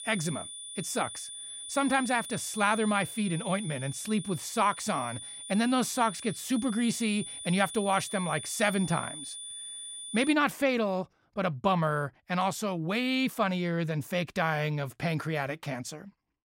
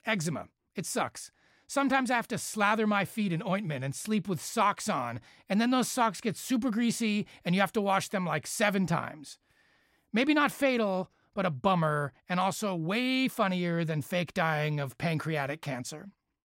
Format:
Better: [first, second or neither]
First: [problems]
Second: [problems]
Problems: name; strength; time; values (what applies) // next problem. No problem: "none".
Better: second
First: high-pitched whine; loud; until 10 s; 9.5 kHz, 10 dB below the speech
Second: none